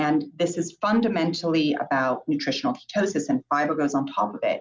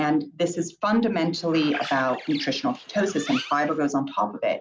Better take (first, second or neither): first